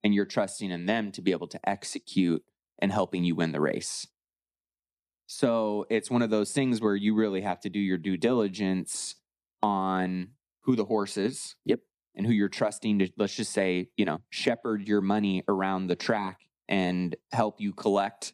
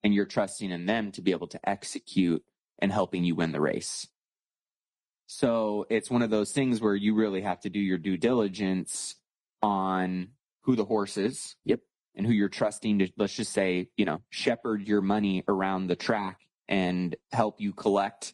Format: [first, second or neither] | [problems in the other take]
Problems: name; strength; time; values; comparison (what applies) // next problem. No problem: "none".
first | garbled, watery; slightly